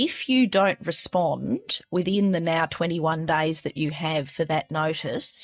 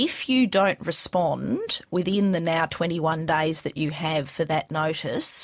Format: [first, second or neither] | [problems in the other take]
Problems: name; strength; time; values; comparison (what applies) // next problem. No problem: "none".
second | noise reduction (neural mask model DeepFilterNet 3)